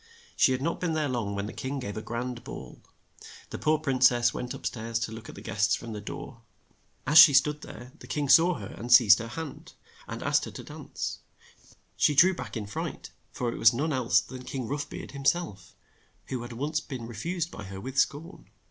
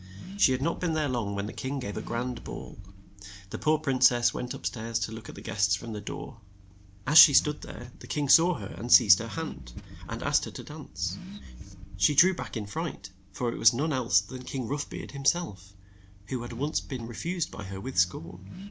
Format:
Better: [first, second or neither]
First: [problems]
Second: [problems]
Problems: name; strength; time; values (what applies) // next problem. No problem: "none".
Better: first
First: none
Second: background sound (Accelerating, revving, vroom / Car); 14 dB below the speech